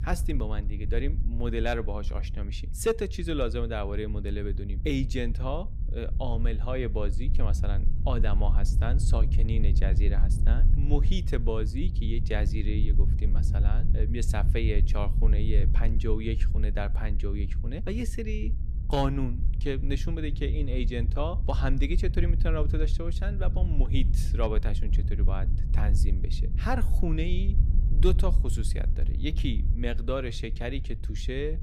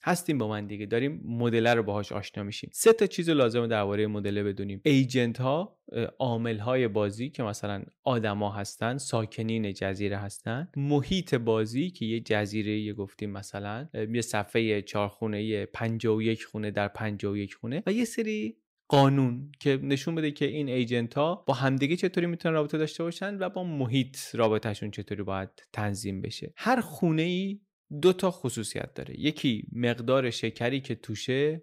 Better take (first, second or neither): second